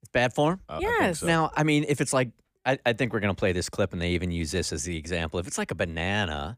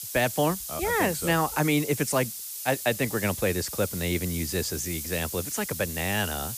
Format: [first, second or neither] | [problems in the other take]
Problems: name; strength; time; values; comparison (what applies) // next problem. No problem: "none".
first | hiss; loud; throughout; 6 dB below the speech